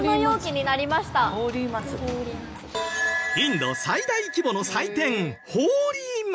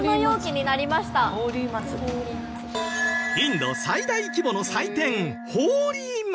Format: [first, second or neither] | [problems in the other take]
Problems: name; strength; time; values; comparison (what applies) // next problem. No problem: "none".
first | background sound (Wind instrument, woodwind instrument); 12 dB below the speech